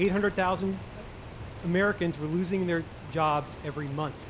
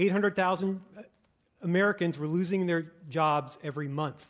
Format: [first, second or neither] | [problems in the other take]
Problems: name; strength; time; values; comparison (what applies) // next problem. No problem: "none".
second | background sound (Rain); 13 dB below the speech